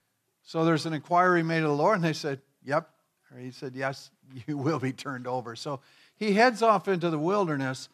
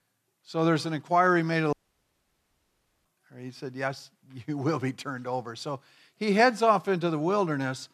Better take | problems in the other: first | audio cutting out; at 1.5 s for 1.5 s

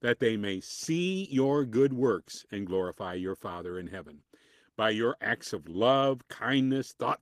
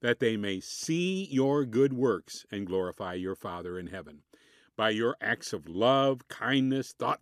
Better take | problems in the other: second | garbled, watery; slightly; nothing above 14.5 kHz

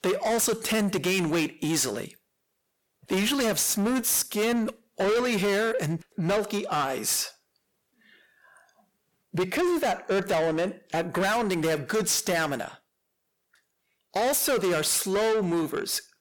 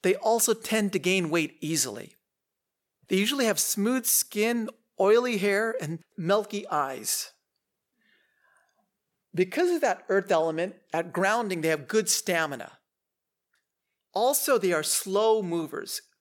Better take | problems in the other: second | distortion; heavy; 7 dB below the speech

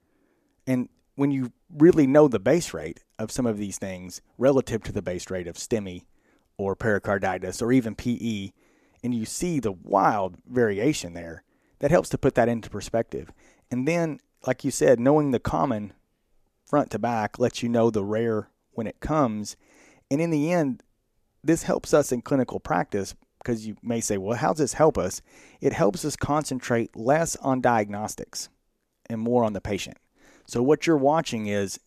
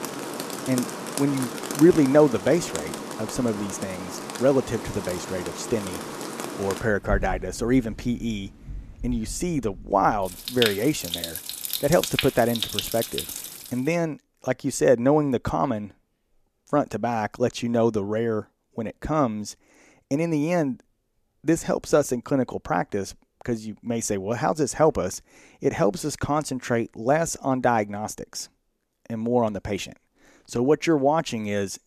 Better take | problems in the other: first | rain or running water; loud; until 14 s; 7 dB below the speech

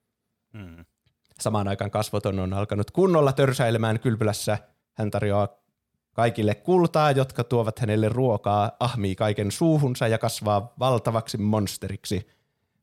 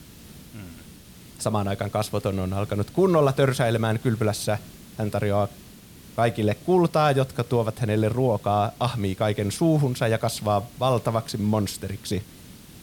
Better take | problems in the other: first | hiss; faint; throughout; 20 dB below the speech

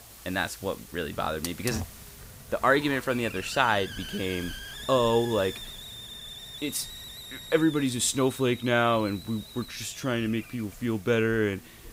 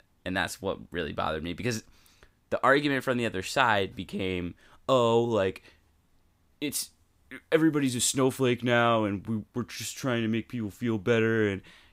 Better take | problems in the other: second | hiss; noticeable; throughout; 15 dB below the speech

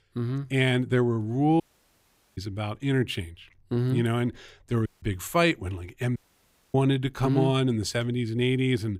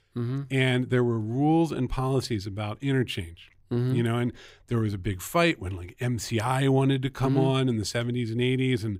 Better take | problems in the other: second | audio cutting out; at 1.5 s for 1 s, at 5 s and at 6 s for 0.5 s

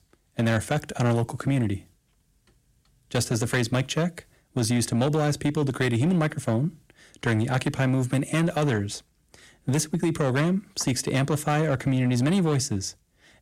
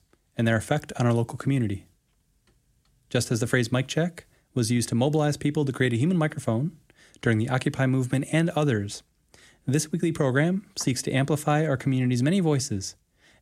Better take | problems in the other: second | distortion; slight; 8% of the sound clipped

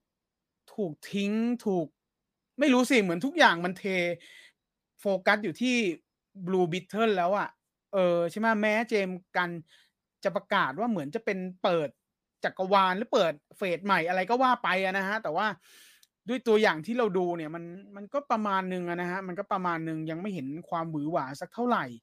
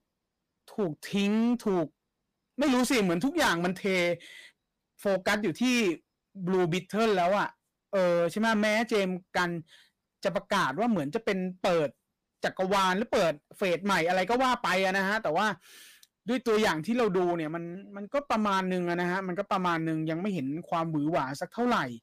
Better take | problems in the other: first | distortion; heavy; 12% of the sound clipped

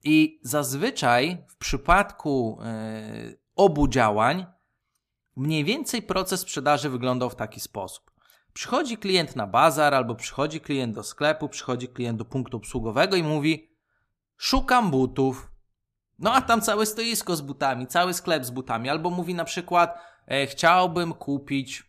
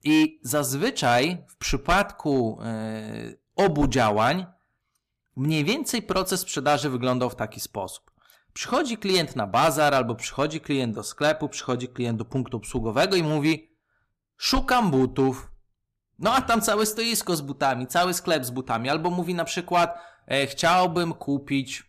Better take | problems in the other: first | distortion; slight; 4% of the sound clipped

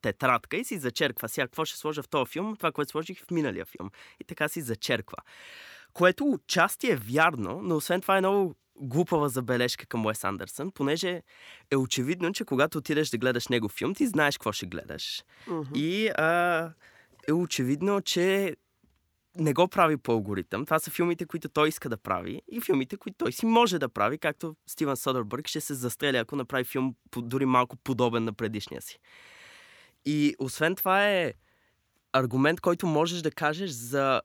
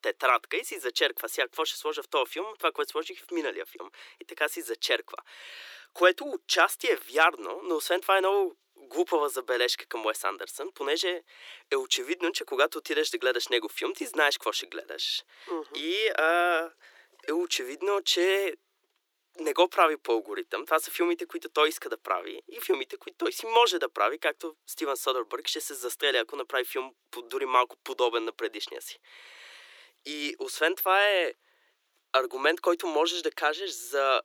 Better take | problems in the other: first | thin; very; fading below 350 Hz

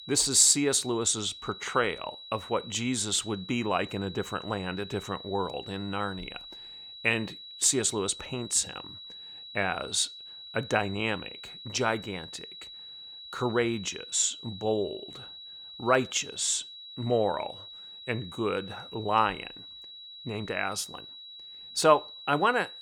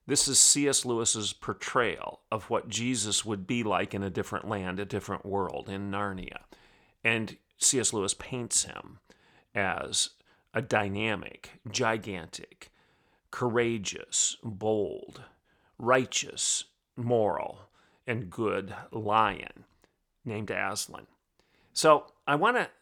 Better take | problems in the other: second | high-pitched whine; noticeable; throughout; 4 kHz, 15 dB below the speech

